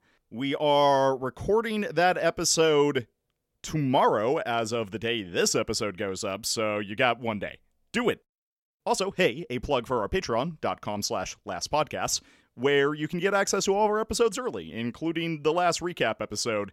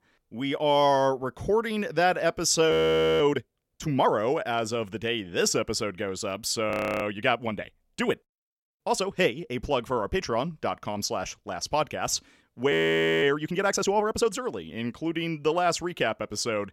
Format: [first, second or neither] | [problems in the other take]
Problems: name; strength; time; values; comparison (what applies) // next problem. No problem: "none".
first | audio freezing; at 2.5 s, at 6.5 s and at 13 s for 0.5 s